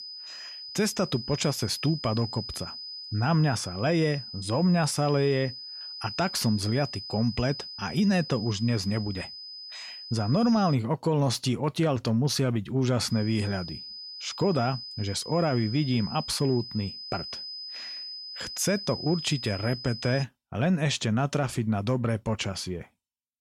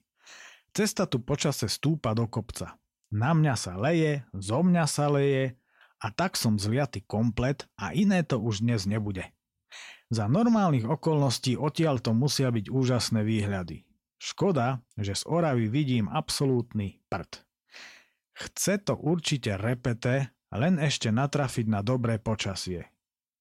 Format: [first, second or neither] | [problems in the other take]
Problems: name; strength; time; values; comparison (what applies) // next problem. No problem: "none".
second | high-pitched whine; loud; until 11 s and from 13 to 20 s; 5 kHz, 10 dB below the speech